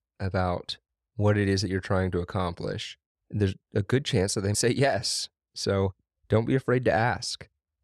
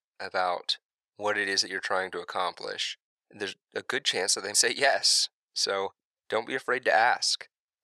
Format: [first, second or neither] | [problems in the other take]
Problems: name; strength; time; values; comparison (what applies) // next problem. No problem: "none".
first | thin; very; fading below 700 Hz